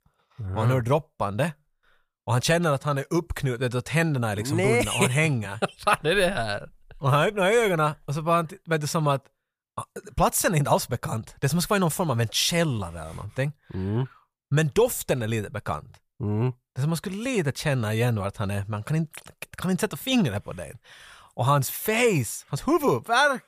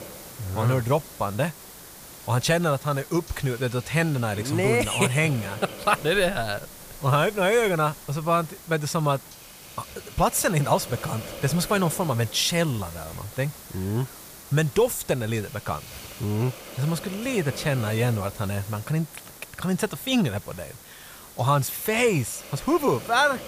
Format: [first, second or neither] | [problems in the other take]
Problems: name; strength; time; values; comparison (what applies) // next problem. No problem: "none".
first | hiss; noticeable; throughout; 15 dB below the speech